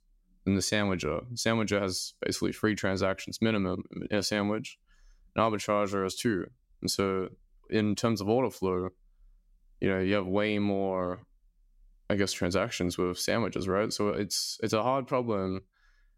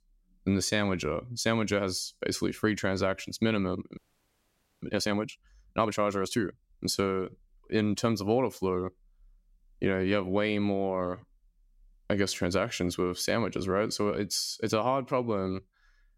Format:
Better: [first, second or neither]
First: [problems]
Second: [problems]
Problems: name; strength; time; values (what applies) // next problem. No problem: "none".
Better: first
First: none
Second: audio freezing; at 4 s for 1 s